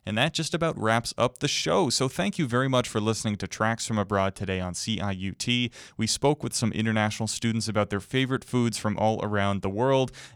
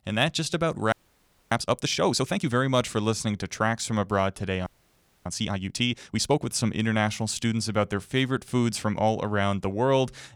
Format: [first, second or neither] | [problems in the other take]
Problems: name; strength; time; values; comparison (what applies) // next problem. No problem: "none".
first | audio freezing; at 1 s for 0.5 s and at 4.5 s for 0.5 s